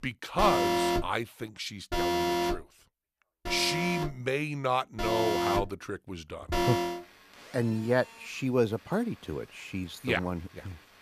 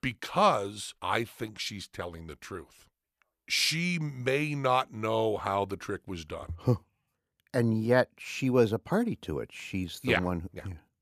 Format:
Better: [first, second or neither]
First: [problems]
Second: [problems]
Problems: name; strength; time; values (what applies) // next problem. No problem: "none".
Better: second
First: alarms or sirens; very loud; throughout; 1 dB above the speech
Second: none